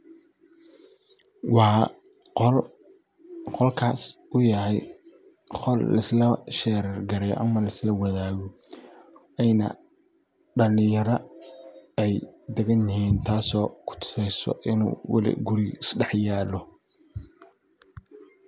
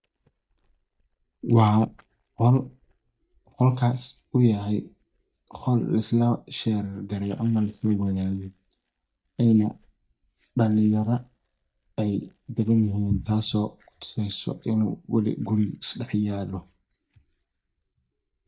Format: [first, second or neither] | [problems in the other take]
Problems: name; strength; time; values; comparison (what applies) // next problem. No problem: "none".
first | noise reduction (neural mask model DeepFilterNet 3)